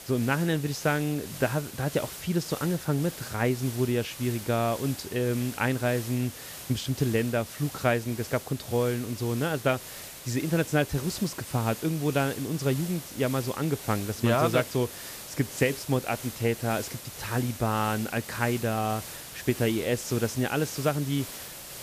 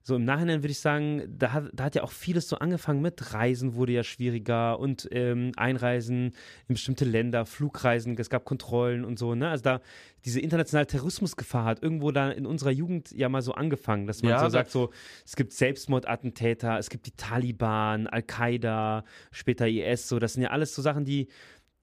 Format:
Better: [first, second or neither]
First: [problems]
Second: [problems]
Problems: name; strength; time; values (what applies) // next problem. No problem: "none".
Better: second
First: hiss; noticeable; throughout; 10 dB below the speech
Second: none